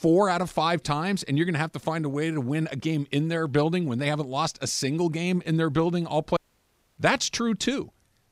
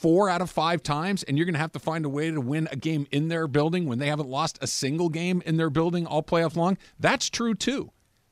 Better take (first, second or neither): second